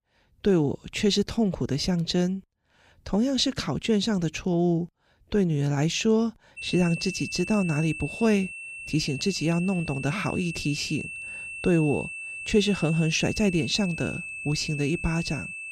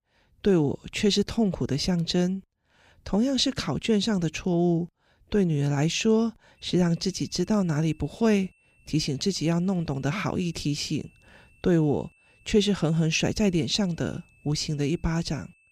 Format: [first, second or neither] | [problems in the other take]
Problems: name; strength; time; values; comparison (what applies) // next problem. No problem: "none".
second | high-pitched whine; loud; from 6.5 s on; 2.5 kHz, 8 dB below the speech; faint in the second